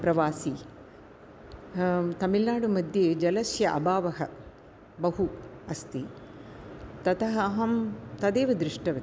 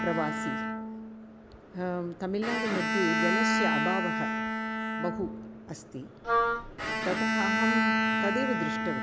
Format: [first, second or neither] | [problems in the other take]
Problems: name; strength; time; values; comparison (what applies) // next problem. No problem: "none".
first | background sound (Bowed string instrument + Wind instrument, woodwind instrument); 4 dB above the speech